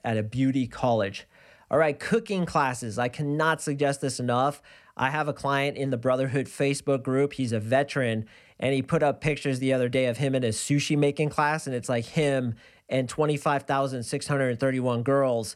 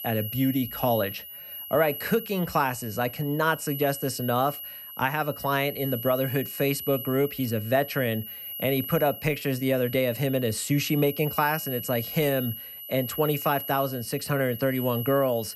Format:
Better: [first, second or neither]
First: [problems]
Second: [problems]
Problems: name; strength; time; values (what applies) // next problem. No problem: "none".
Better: first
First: none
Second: high-pitched whine; loud; throughout; 12 kHz, 9 dB below the speech